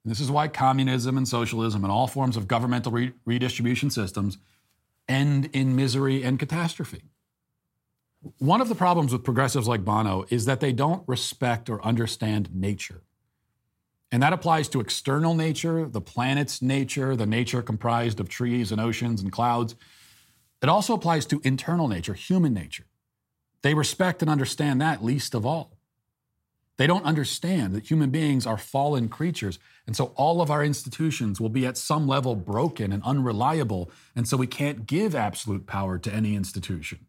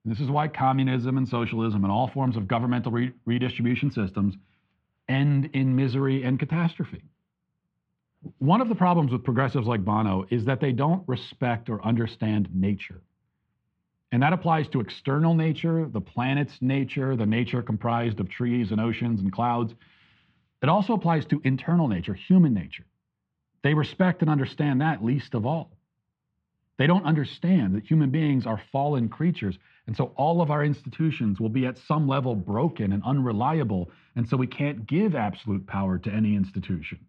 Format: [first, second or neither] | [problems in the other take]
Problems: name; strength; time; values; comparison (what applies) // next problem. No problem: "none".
first | muffled; very; fading above 3 kHz